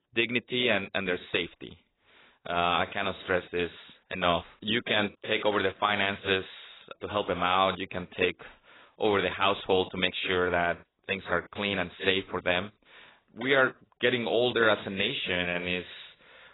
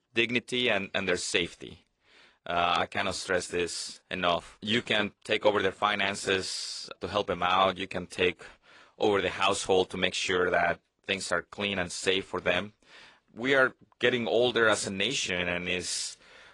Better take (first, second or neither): second